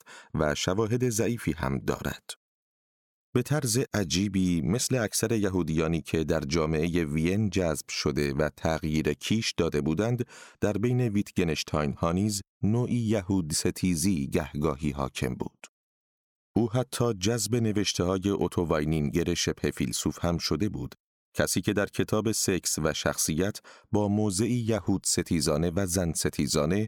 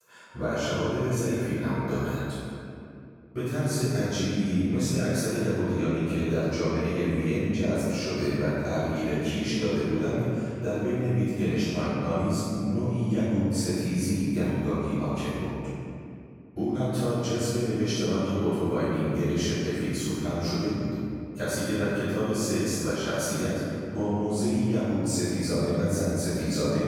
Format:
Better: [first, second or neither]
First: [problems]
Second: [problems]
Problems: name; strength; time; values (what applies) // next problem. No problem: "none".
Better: first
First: none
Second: off-mic speech; far // room echo; strong; dies away in 2.4 s